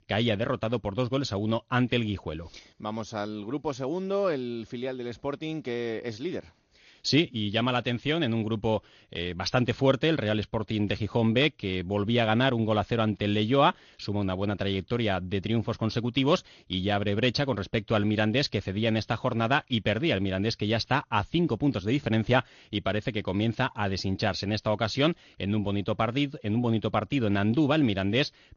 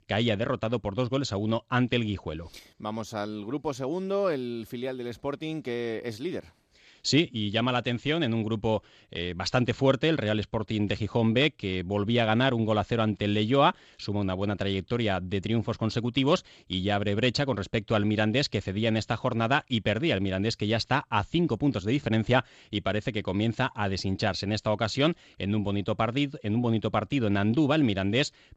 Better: second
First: garbled, watery; slightly; nothing above 6.5 kHz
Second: none

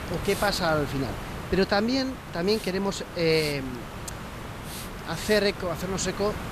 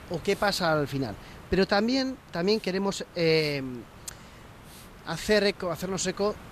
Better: second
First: hiss; loud; throughout; 10 dB below the speech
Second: hiss; faint; throughout; 20 dB below the speech

